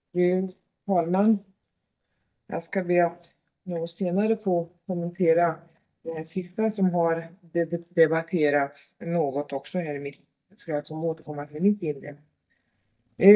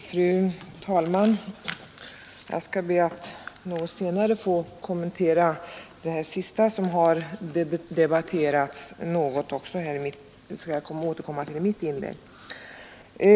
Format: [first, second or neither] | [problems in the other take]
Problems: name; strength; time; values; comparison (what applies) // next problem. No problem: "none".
second | noise reduction (neural mask model DeepFilterNet 3)